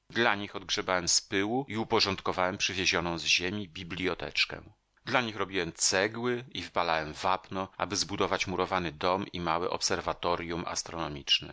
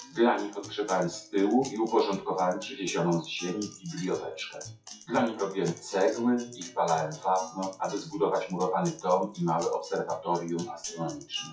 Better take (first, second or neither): first